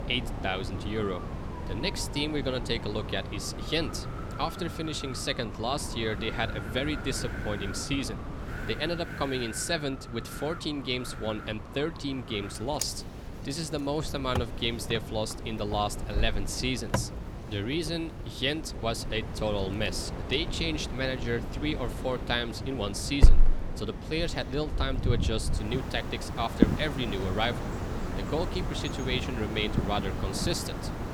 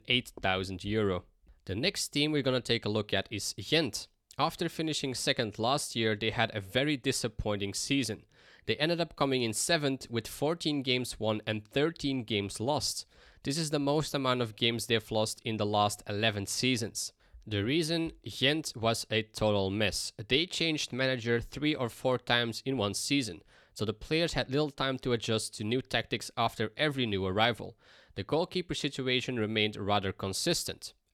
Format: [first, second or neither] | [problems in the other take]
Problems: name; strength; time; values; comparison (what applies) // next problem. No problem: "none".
second | wind in the background; loud; throughout; 3 dB below the speech